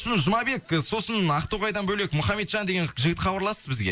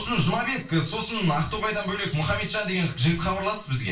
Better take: first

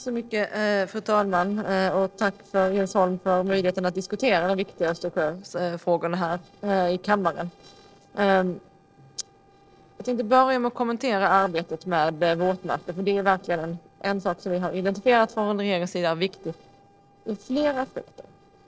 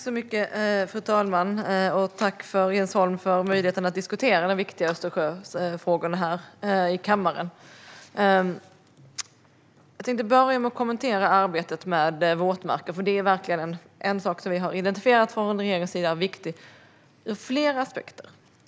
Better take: second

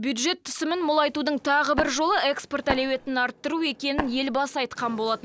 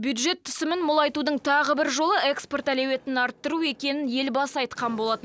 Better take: second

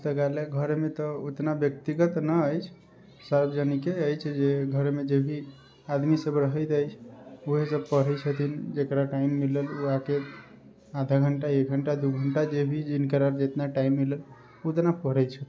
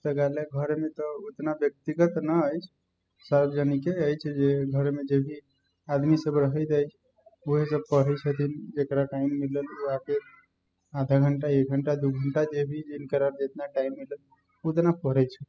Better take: first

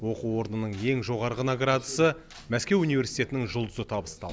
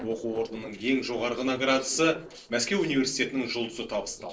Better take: first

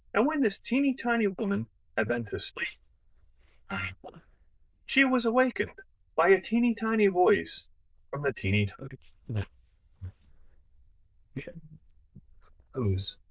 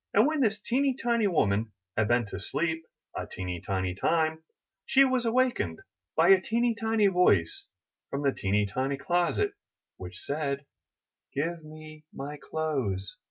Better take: second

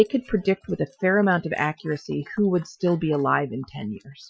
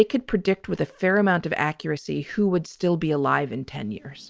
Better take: second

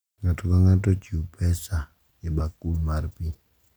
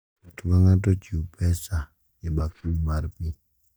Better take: first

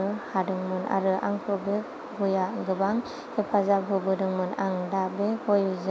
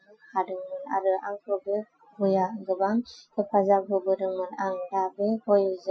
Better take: first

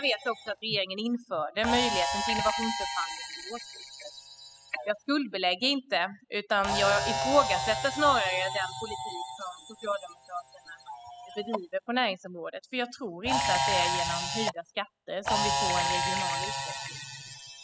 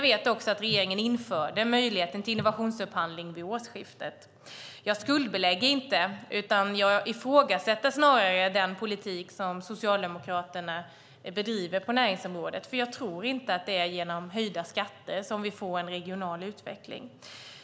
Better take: second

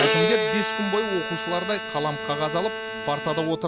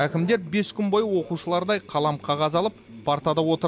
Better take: second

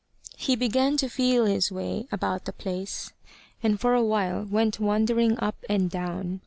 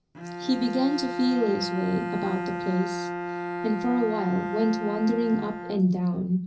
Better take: first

